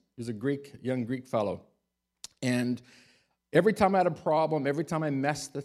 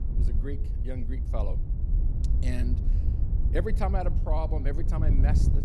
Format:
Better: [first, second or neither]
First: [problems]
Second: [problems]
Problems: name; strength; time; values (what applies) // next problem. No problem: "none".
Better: first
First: none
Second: wind noise on the microphone; heavy; 8 dB below the speech